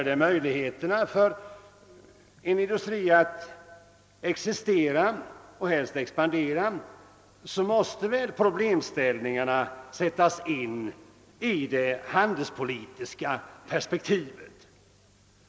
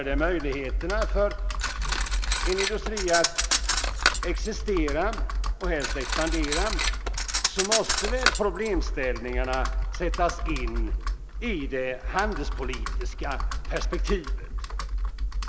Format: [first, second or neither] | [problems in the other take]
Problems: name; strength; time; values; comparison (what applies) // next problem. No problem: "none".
first | background sound (Computer keyboard + Cutlery, silverware); 3 dB above the speech